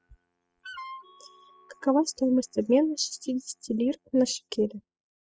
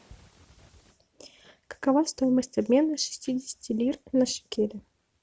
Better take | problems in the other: second | noise reduction (classical method spectral subtraction)

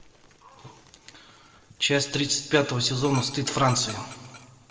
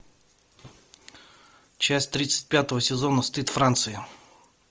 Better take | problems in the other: second | background sound (Dog); 20 dB below the speech // room echo; dies away in 1.2 s

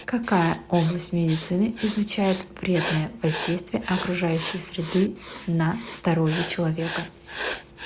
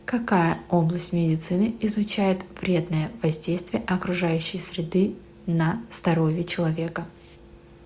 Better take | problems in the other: second | background sound (Writing); 12 dB below the speech

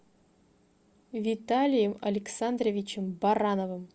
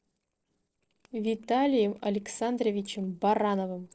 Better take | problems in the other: first | noise reduction (neural separator model SepFormer DNS4)

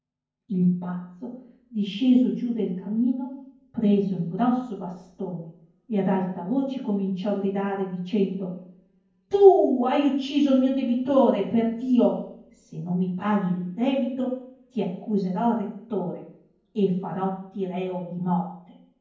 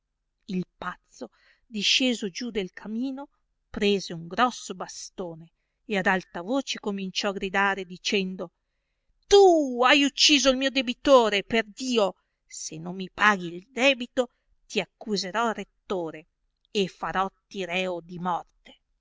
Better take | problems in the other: second | room echo; dies away in 0.9 s

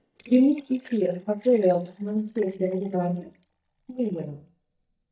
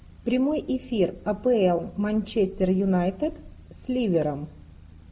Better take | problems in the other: second | noise reduction (neural mask model DeepFilterNet 3)

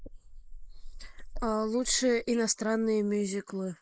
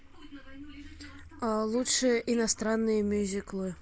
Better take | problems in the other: second | noise reduction (neural mask model Resemble Enhance denoiser)

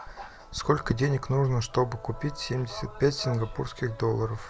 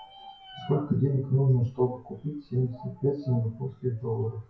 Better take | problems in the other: first | noise reduction (classical method WPE with log-MMSE)

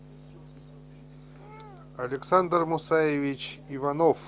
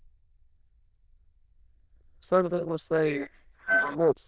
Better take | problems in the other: first | noise reduction (neural diffusion model UNIVERSE++)

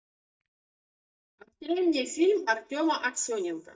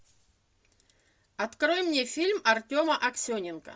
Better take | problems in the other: second | noise reduction (neural mask model DeepFilterNet 3)

